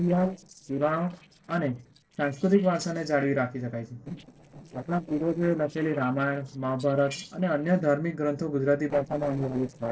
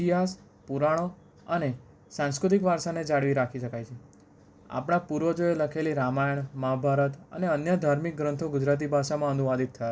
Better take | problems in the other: second | noise reduction (neural separator model SepFormer DNS4)

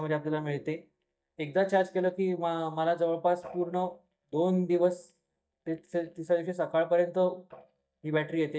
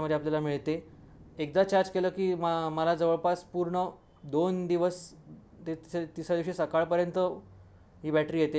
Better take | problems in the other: second | noise reduction (neural mask model DeepFilterNet 3)

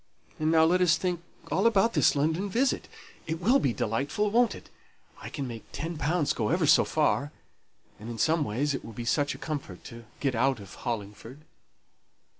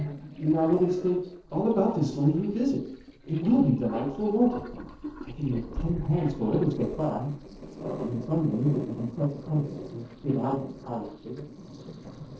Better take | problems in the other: first | noise reduction (neural separator model SepFormer DNS4)

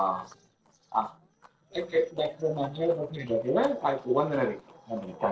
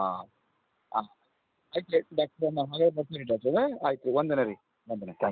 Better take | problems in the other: second | noise reduction (neural separator model SepFormer DNS4)

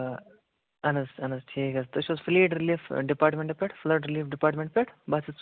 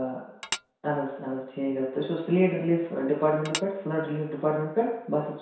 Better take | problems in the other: first | background sound (Tap / Dishes, pots, and pans); 6 dB below the speech // room echo; dies away in 0.7 s

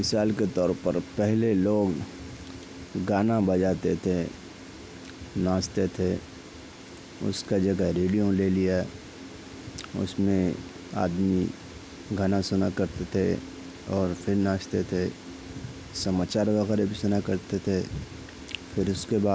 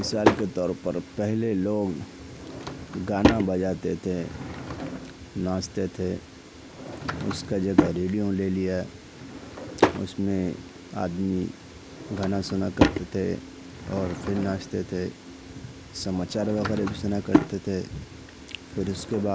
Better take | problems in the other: first | background sound (Drawer open or close / Wood); 2 dB below the speech

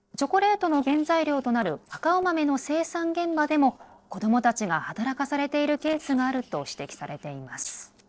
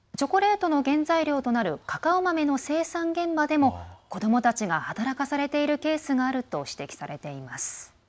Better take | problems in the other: second | noise reduction (neural separator model SepFormer DNS4)

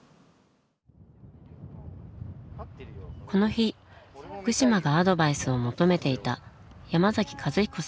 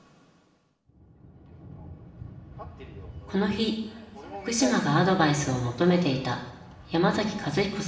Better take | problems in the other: first | room echo; dies away in 1 s

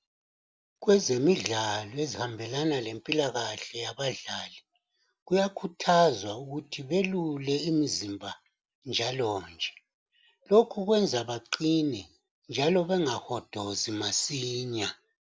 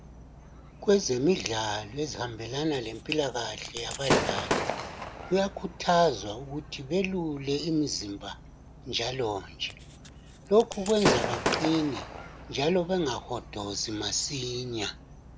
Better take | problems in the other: first | background sound (Gunshot, gunfire / Fireworks); 6 dB below the speech

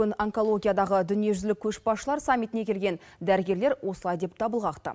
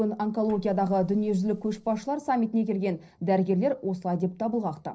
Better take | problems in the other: first | noise reduction (neural separator model SepFormer DNS4)

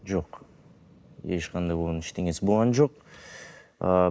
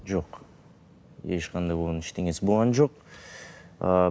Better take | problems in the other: second | noise reduction (neural mask model Resemble Enhance denoiser)

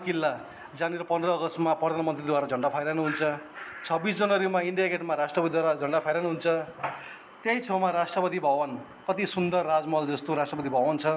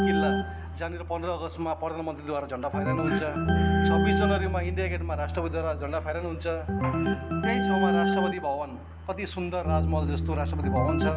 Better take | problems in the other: first | background sound (Organ + Bass guitar); 4 dB above the speech

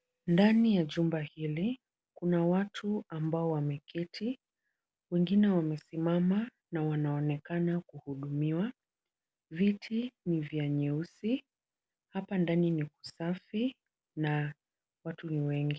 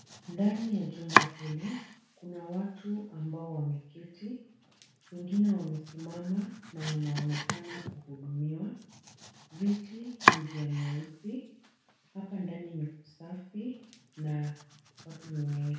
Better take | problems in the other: first | background sound (Domestic sounds, home sounds); 1 dB below the speech // room echo; dies away in 0.6 s

